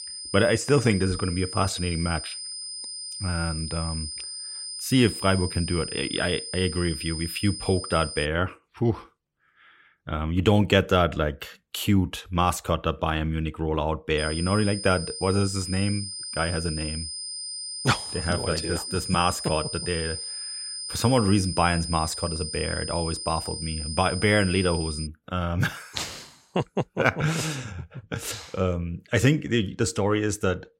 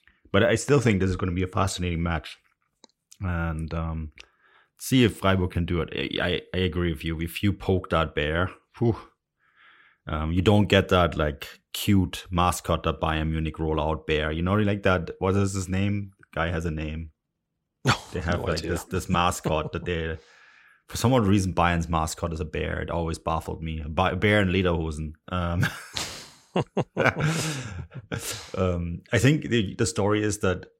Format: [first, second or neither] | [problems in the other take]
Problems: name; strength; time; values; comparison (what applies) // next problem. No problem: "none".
second | high-pitched whine; loud; until 8.5 s and from 14 to 25 s; 5 kHz, 7 dB below the speech